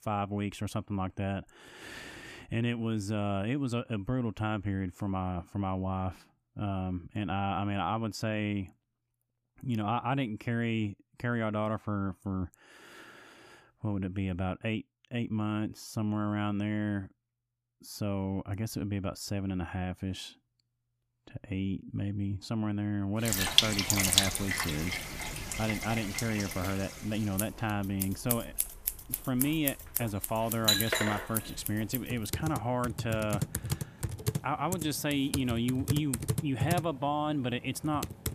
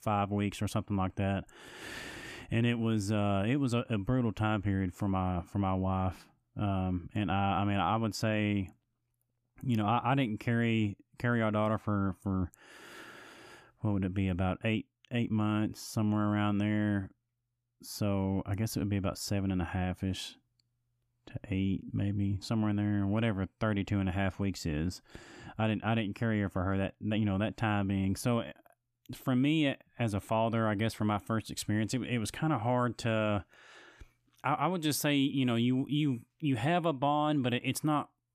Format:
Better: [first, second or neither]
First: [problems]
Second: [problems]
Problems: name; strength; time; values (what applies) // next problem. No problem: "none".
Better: second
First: household noises; very loud; from 23 s on; 1 dB above the speech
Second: none